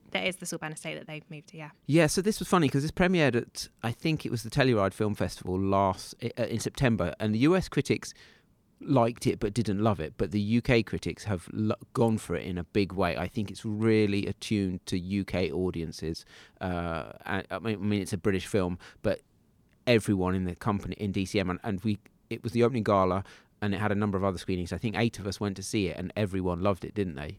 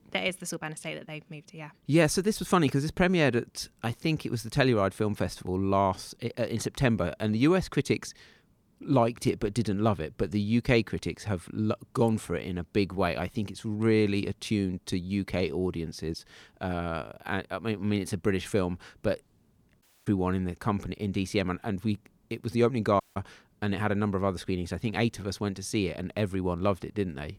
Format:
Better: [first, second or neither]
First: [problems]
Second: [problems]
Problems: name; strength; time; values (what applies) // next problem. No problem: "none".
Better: first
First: none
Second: audio cutting out; at 20 s and at 23 s